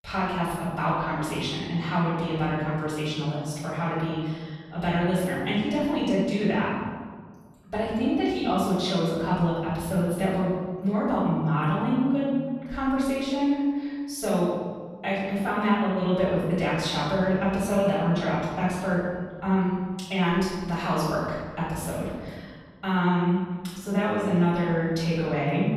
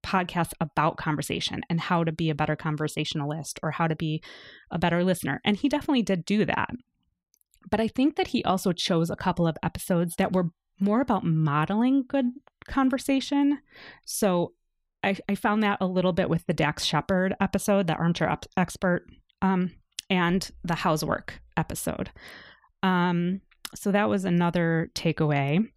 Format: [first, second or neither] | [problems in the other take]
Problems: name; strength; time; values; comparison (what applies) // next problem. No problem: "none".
second | off-mic speech; far // room echo; strong; dies away in 1.4 s